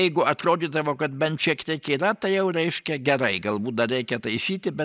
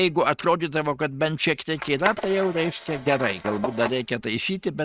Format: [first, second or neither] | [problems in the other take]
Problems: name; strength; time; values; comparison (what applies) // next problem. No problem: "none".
first | noise reduction (neural mask model RNNoise)